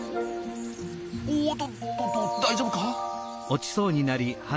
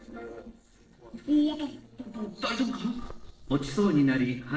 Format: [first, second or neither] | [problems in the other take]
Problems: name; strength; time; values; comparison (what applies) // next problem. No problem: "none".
first | noise reduction (neural separator model SepFormer DNS4)